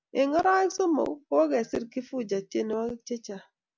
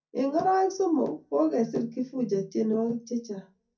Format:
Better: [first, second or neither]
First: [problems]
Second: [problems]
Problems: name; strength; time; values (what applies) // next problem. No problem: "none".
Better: first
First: none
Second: room echo; dies away in 0.3 s